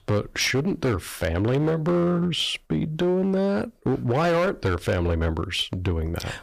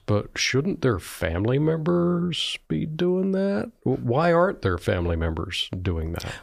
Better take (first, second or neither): second